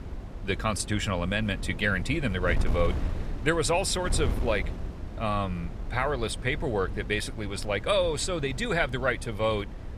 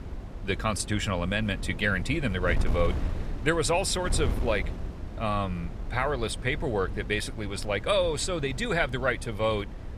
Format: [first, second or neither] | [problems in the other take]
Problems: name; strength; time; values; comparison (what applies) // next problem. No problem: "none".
neither | wind noise on the microphone; occasional gusts; 15 dB below the speech; the same in both